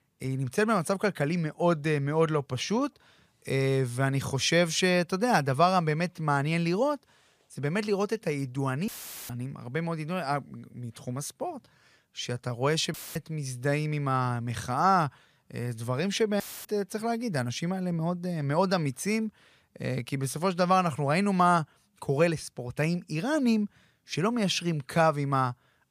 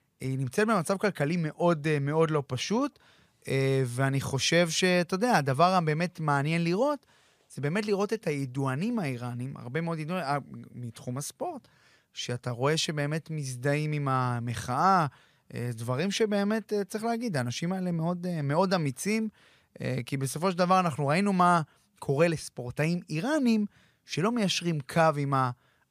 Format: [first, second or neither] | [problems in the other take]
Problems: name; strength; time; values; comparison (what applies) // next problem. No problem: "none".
second | audio cutting out; filled with static; at 9 s, at 13 s and at 16 s